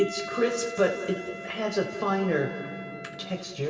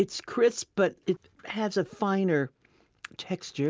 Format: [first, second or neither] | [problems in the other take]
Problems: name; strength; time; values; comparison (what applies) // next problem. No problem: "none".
second | background sound (Wind instrument, woodwind instrument); 12 dB below the speech // room echo; dies away in 2.6 s